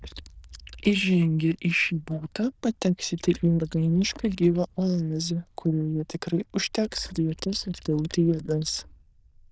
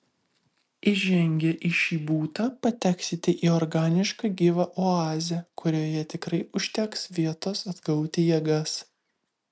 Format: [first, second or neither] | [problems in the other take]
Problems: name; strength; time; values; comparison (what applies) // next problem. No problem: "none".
second | noise reduction (neural diffusion model UNIVERSE++)